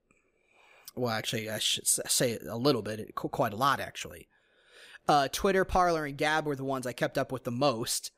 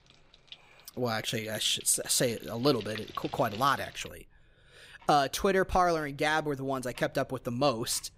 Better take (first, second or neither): first